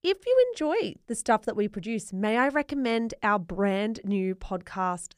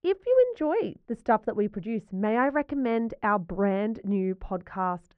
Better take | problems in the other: first | muffled; very; fading above 1.5 kHz

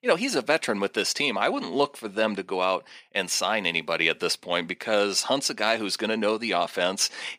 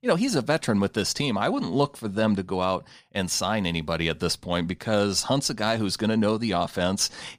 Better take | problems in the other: second | thin; somewhat; fading below 350 Hz

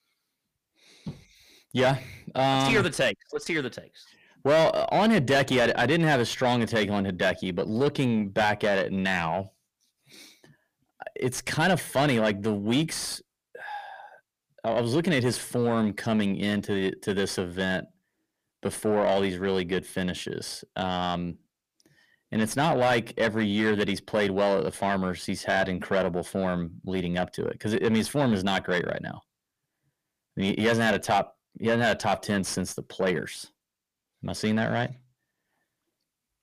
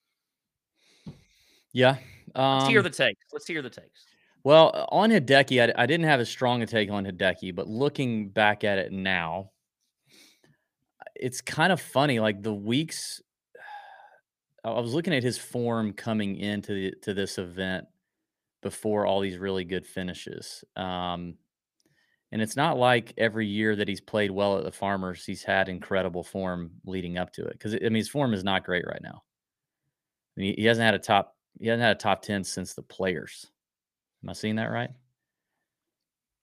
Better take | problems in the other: second | distortion; heavy; 7 dB below the speech

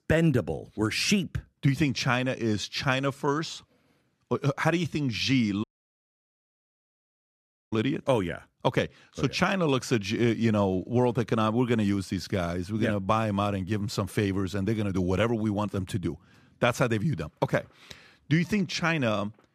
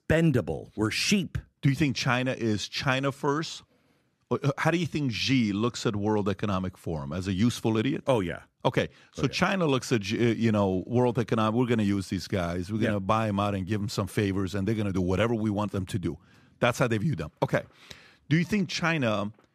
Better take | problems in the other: second | audio cutting out; at 5.5 s for 2 s

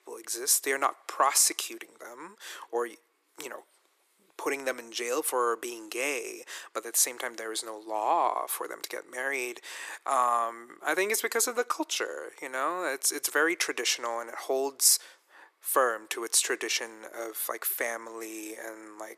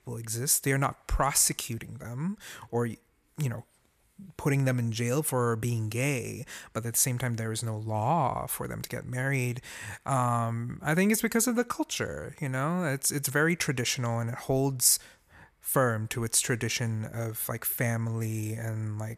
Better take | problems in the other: second | thin; very; fading below 350 Hz

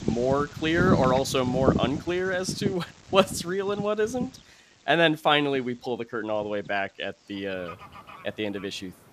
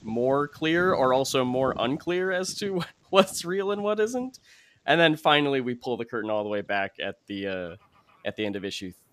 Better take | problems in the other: second | animal sounds; loud; throughout; 5 dB below the speech; faint in the second

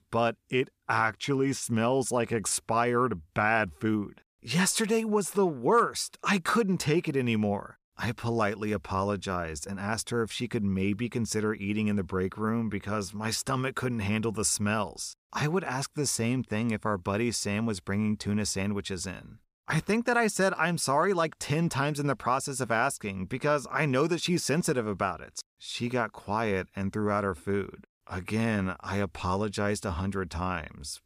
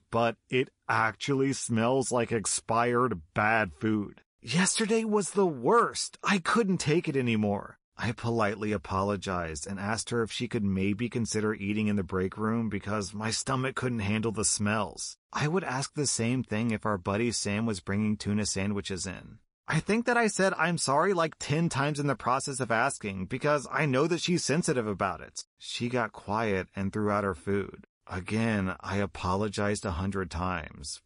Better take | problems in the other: first | garbled, watery; slightly; nothing above 10.5 kHz

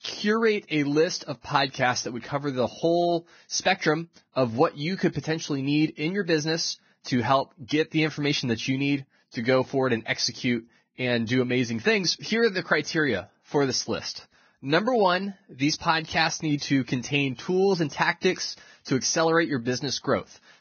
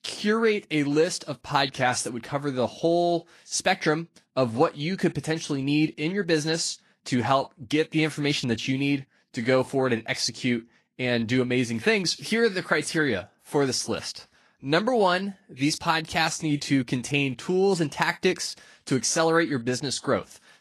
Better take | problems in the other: second | garbled, watery; badly; nothing above 6.5 kHz; slightly in the second

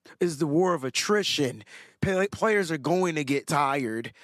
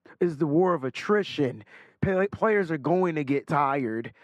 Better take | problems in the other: first | muffled; very; fading above 3.5 kHz

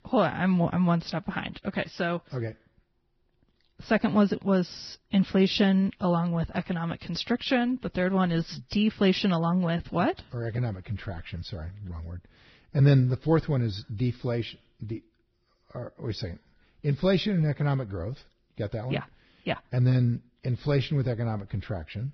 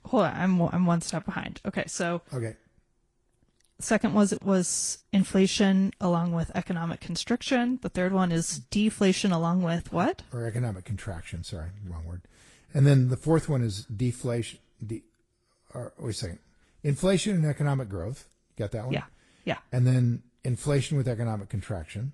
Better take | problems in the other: second | garbled, watery; badly; nothing above 5.5 kHz; slightly in the second

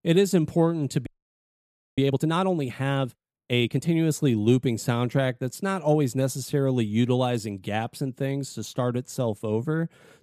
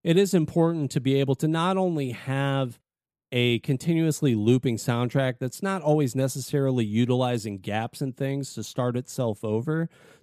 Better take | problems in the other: second | audio freezing; at 1 s for 1 s

